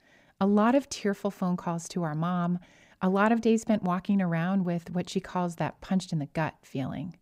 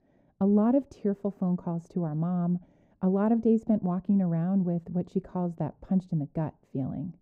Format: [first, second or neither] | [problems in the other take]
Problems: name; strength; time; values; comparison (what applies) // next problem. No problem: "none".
first | muffled; very; fading above 1 kHz